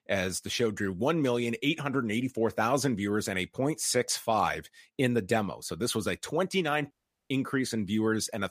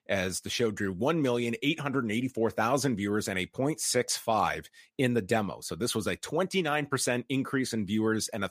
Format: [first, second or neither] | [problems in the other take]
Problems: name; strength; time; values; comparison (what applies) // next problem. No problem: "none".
second | audio cutting out; at 7 s